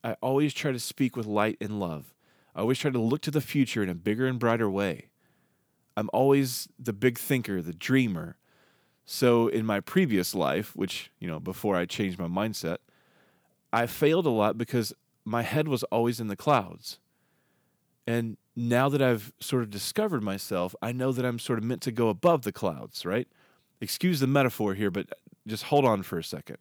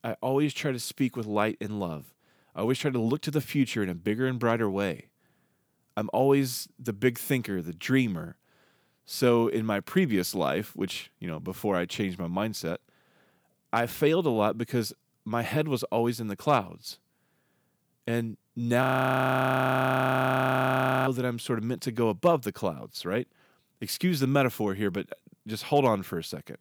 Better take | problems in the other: first | audio freezing; at 19 s for 2 s

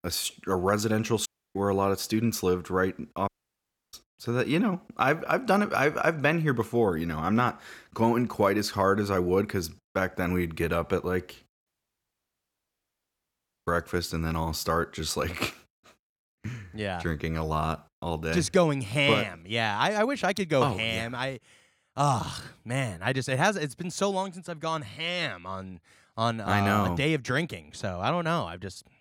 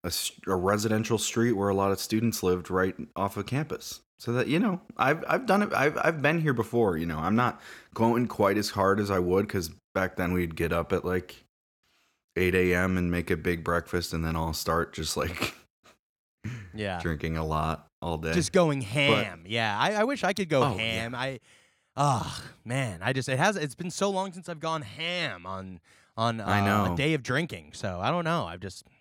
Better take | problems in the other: second | audio cutting out; at 1.5 s, at 3.5 s for 0.5 s and at 12 s for 2 s

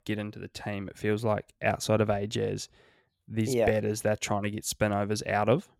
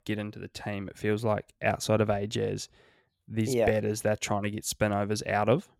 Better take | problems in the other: neither | none

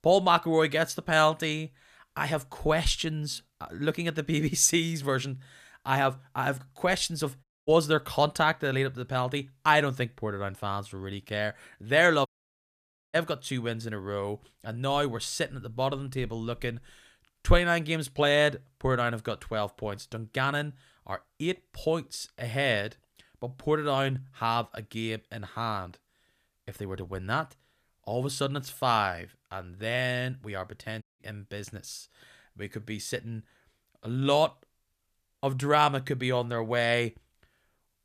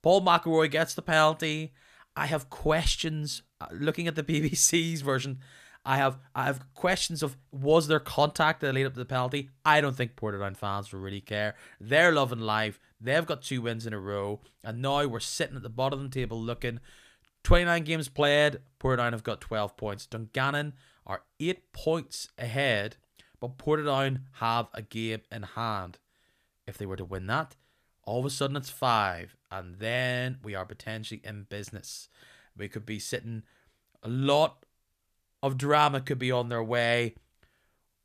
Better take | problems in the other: second | audio cutting out; at 7.5 s, at 12 s for 1 s and at 31 s

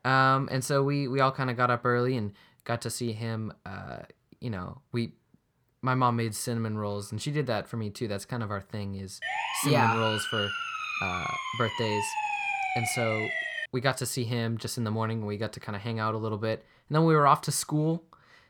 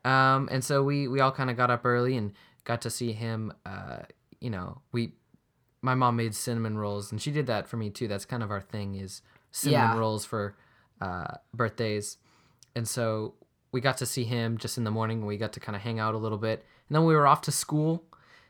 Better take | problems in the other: second | siren; loud; from 9 to 14 s; peak level with the speech

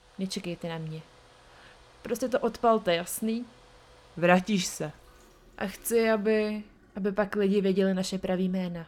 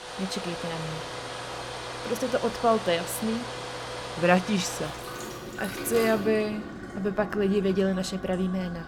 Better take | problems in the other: first | household noises; loud; throughout; 8 dB below the speech; faint in the first

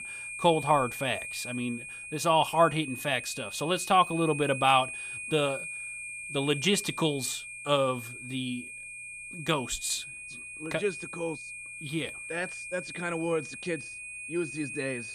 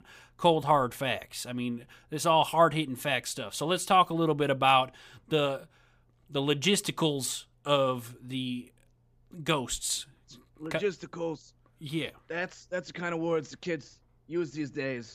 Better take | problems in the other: second | high-pitched whine; loud; throughout; 2.5 kHz, 9 dB below the speech

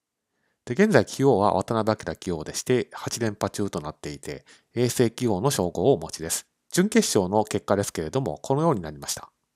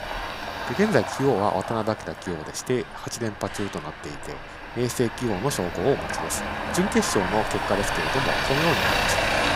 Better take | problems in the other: first | traffic noise; loud; throughout; 1 dB below the speech

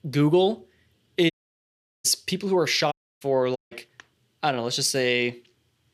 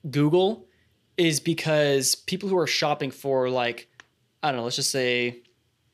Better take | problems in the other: second | audio cutting out; at 1.5 s for 0.5 s, at 3 s and at 3.5 s

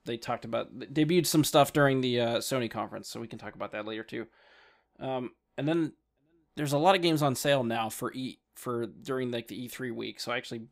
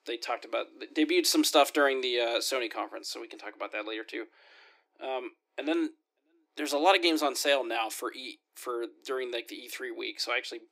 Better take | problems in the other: first | thin; somewhat; fading below 300 Hz

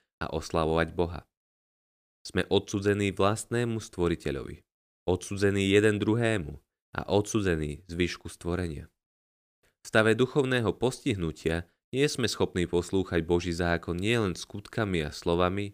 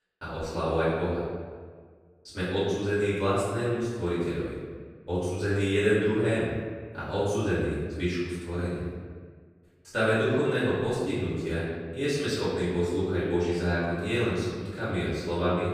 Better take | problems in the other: first | off-mic speech; far // room echo; strong; dies away in 1.5 s

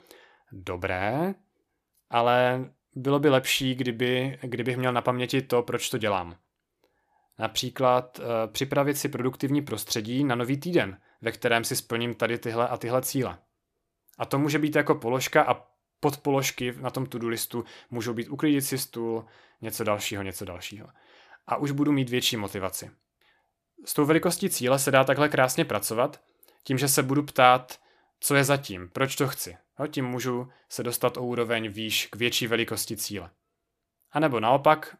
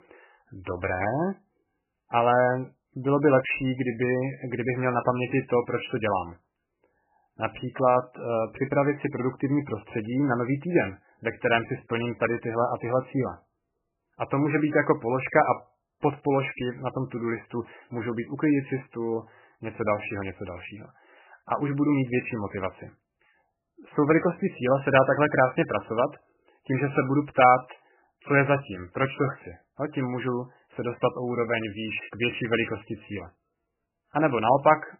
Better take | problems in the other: first | garbled, watery; badly; nothing above 3 kHz

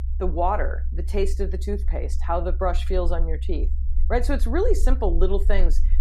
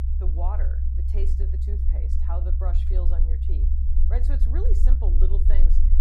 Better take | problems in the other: first | low rumble; loud; throughout; 3 dB below the speech; faint in the first

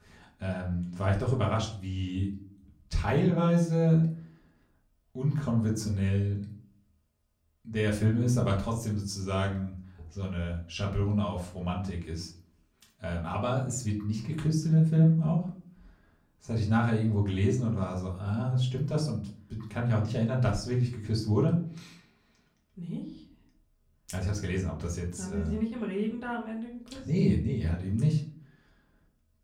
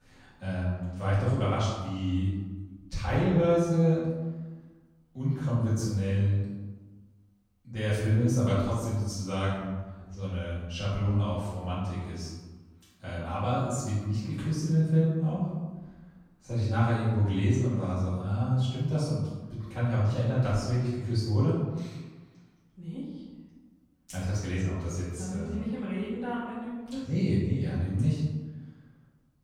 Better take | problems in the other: first | room echo; strong; dies away in 1.1 s; slight in the first // off-mic speech; far; far in the first

